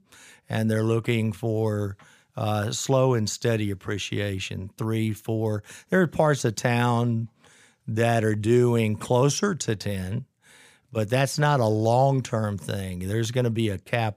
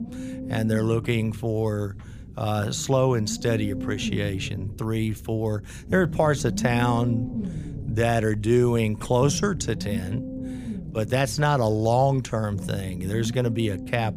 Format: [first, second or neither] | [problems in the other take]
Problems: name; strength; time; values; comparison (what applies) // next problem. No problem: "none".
first | low rumble; noticeable; throughout; 15 dB below the speech